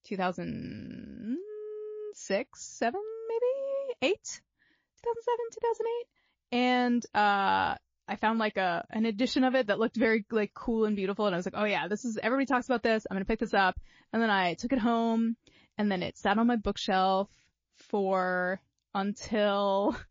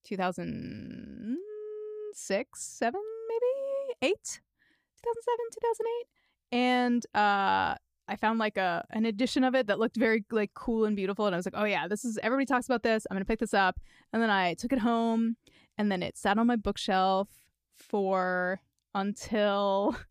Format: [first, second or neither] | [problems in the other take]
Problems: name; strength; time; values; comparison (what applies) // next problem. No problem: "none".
second | garbled, watery; slightly